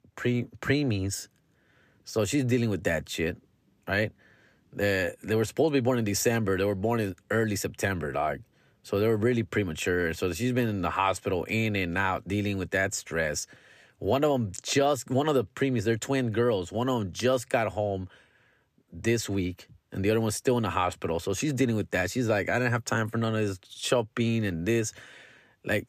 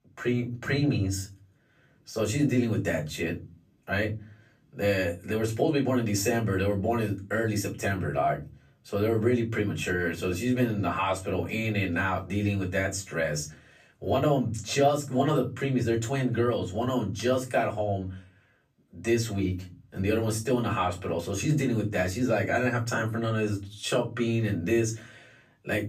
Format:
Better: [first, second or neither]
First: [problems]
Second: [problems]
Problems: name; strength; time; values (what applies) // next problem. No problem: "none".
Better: first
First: none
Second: off-mic speech; far // room echo; very slight; dies away in 0.3 s